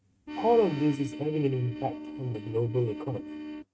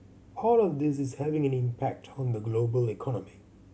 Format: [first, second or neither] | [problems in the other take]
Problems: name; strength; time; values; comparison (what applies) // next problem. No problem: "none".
second | noise reduction (neural mask model RNNoise)